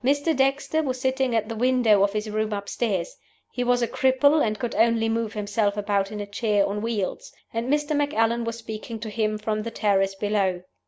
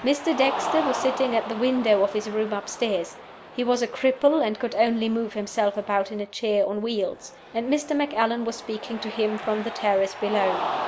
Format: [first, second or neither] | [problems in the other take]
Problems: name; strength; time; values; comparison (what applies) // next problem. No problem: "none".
first | background sound (Cheering); 10 dB below the speech